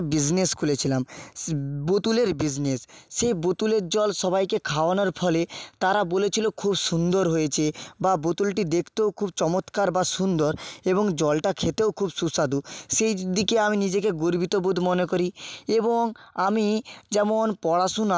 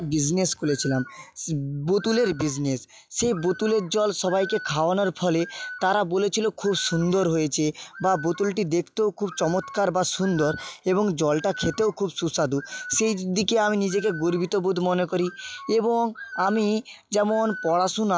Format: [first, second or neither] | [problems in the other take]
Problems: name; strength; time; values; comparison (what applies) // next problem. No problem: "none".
first | noise reduction (classical method log-MMSE)